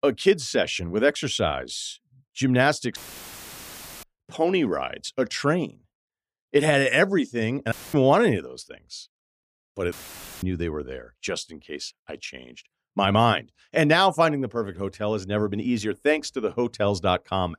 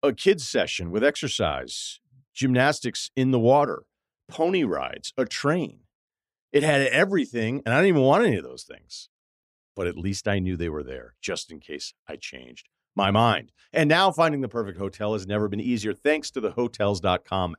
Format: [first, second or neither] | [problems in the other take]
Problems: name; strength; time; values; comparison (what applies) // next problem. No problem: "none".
second | audio cutting out; filled with static; at 3 s for 1 s, at 7.5 s and at 10 s for 0.5 s